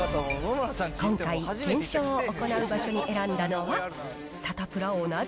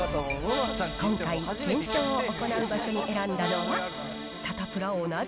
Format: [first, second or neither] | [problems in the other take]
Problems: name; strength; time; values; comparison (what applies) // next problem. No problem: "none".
first | background sound (Accordion); 6 dB below the speech